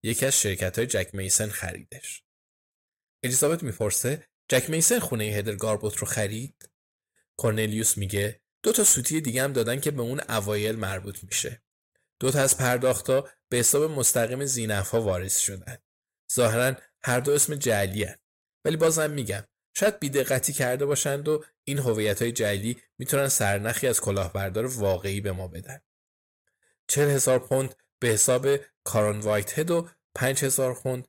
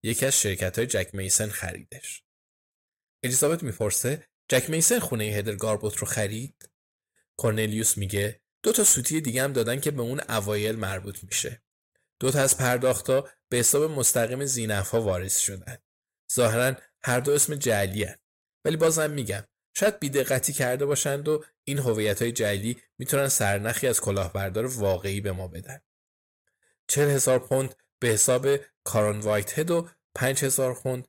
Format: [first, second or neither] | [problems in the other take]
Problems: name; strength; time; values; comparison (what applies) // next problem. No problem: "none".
neither | distortion; slight; 10 dB below the speech; the same in both